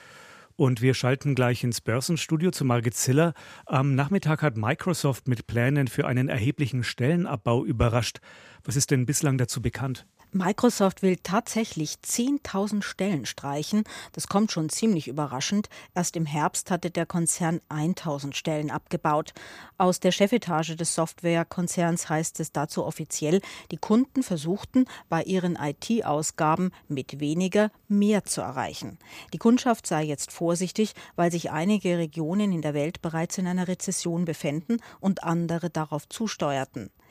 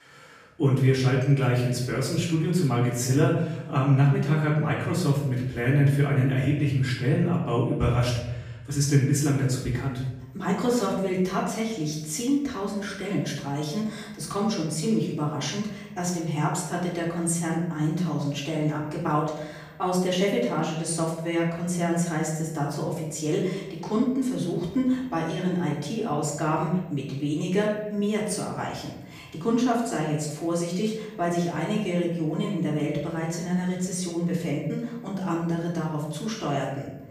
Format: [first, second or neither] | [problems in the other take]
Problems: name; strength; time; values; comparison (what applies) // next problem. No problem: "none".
first | off-mic speech; far // room echo; noticeable; dies away in 0.8 s